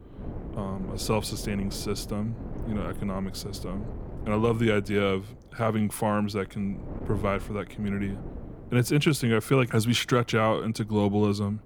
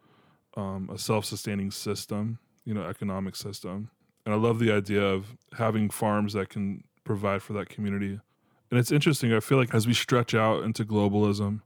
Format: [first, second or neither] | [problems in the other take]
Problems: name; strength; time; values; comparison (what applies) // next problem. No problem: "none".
second | wind noise on the microphone; occasional gusts; 15 dB below the speech